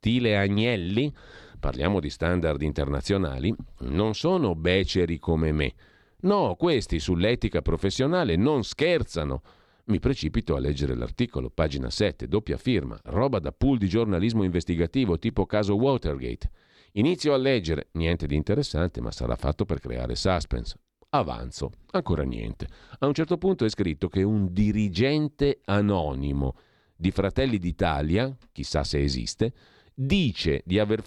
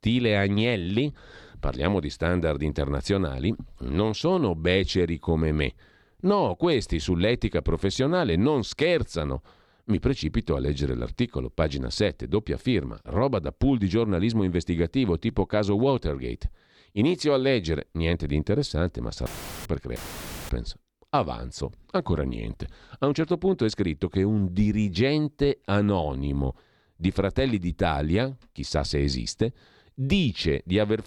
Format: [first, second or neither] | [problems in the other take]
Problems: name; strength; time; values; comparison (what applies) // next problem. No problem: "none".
first | audio cutting out; filled with static; at 19 s and at 20 s for 0.5 s